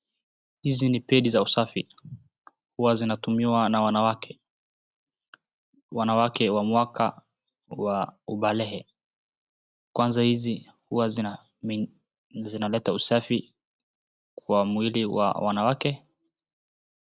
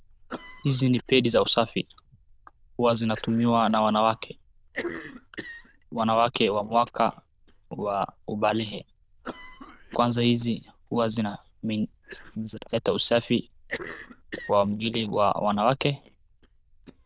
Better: first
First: none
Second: noise reduction (neural diffusion model UNIVERSE++)

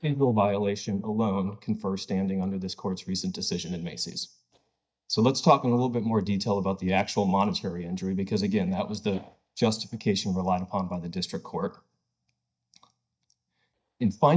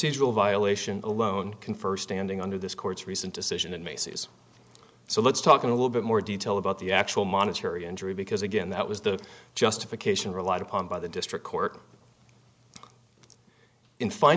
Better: second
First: noise reduction (neural mask model DeepFilterNet 3)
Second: none

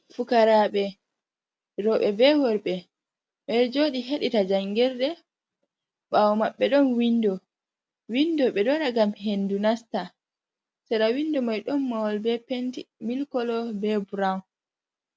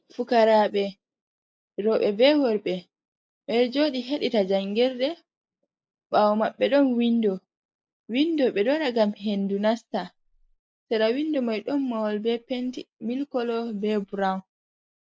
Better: first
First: none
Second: noise reduction (neural mask model Resemble Enhance denoiser)

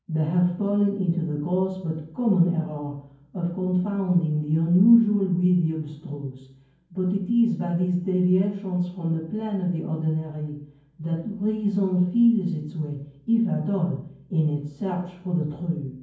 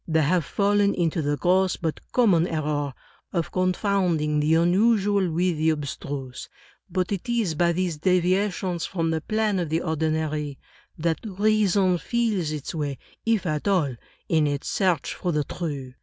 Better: second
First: room echo; dies away in 0.9 s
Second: none

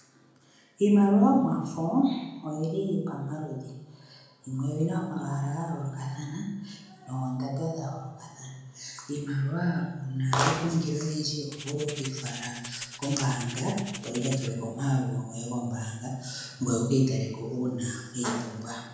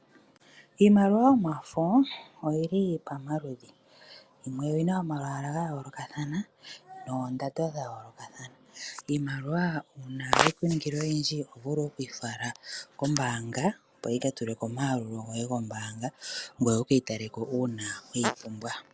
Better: second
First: background sound (Rattle (instrument)); 12 dB below the speech // room echo; dies away in 0.9 s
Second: none

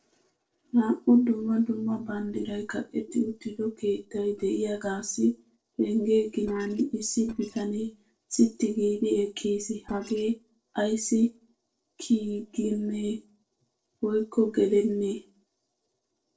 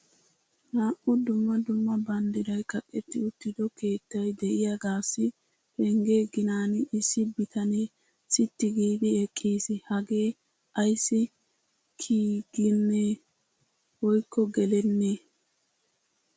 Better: second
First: noise reduction (neural separator model SepFormer DNS4)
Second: none

